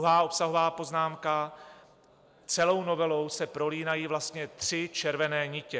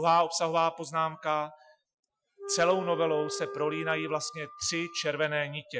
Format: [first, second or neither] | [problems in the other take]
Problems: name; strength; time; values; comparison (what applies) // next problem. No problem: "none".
first | noise reduction (classical method Wiener filter)